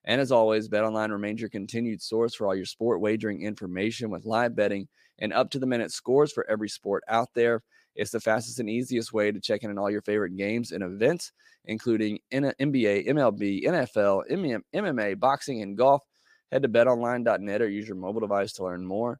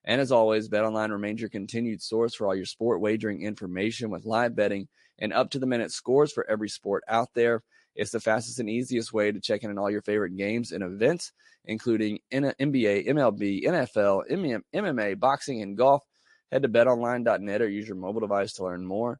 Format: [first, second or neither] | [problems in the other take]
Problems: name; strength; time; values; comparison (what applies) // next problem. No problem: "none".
first | garbled, watery; slightly